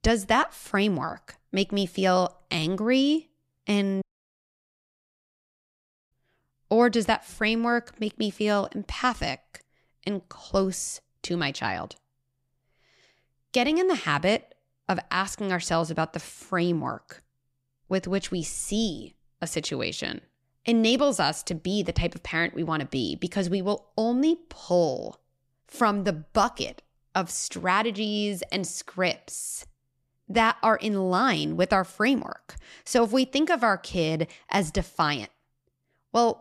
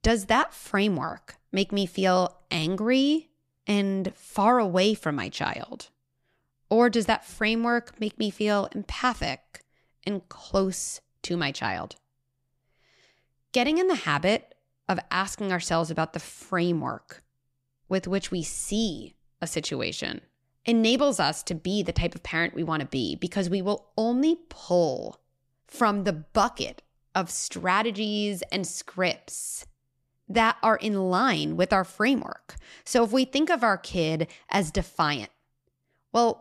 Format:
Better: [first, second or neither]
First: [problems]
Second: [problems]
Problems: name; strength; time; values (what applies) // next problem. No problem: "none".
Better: second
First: audio cutting out; at 4 s for 2 s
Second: none